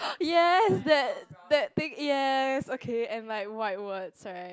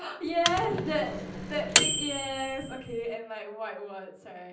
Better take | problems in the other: first | background sound (Microwave oven); 2 dB above the speech // room echo; dies away in 0.6 s

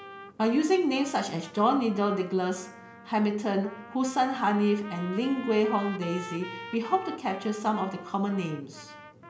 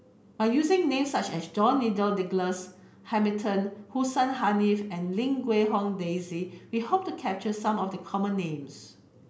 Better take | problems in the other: second | background sound (Trumpet); 17 dB below the speech

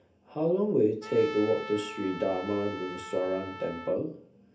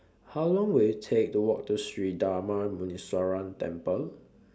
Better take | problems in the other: second | background sound (Trumpet); 13 dB below the speech // room echo; dies away in 0.3 s

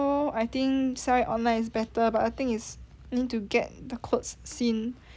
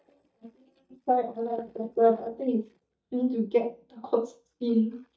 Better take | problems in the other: first | noise reduction (neural mask model DeepFilterNet 3)

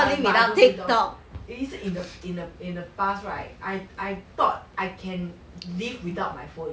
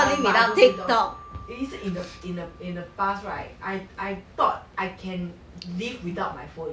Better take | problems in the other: first | background sound (Marimba, xylophone); 16 dB below the speech

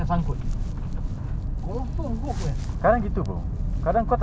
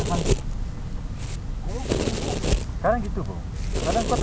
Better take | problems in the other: first | background sound (Domestic sounds, home sounds); 2 dB below the speech

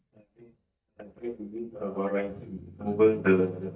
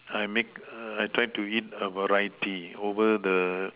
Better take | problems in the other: second | noise reduction (neural mask model DeepFilterNet 3)

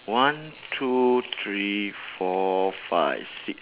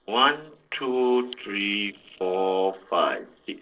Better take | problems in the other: first | noise reduction (neural separator model SepFormer DNS4)

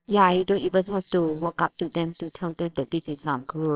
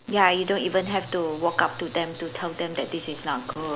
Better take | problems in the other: second | noise reduction (neural separator model SepFormer WHAMR!)

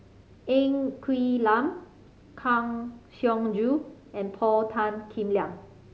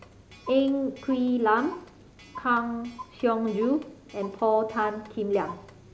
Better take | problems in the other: first | background sound (Clock); 19 dB below the speech

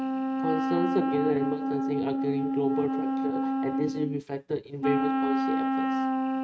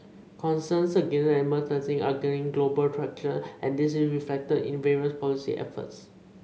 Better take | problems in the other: second | noise reduction (neural mask model RNNoise)

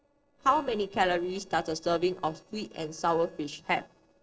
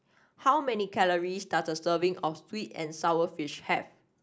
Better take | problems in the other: second | noise reduction (neural separator model SepFormer DNS4)

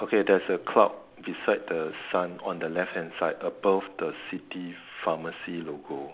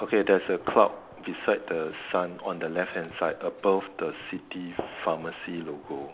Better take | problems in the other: first | background sound (Gunshot, gunfire); 16 dB below the speech

